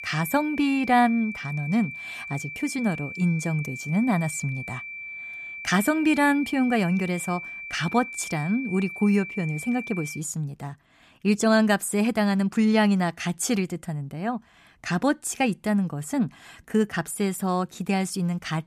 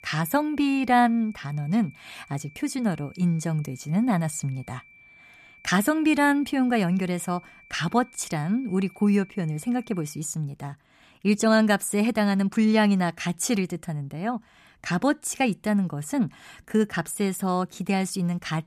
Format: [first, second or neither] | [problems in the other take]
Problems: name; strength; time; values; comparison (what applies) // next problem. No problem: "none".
second | high-pitched whine; loud; until 10 s; 2.5 kHz, 10 dB below the speech; faint in the second